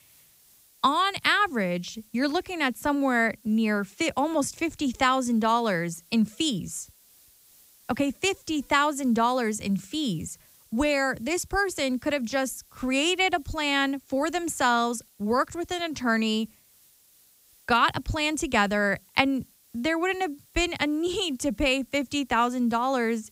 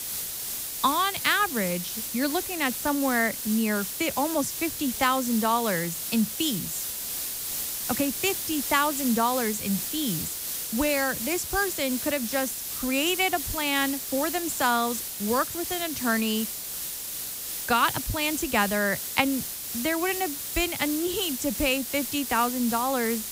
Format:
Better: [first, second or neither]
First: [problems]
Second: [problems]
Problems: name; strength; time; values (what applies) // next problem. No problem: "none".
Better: first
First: hiss; faint; throughout; 30 dB below the speech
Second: hiss; loud; throughout; 4 dB below the speech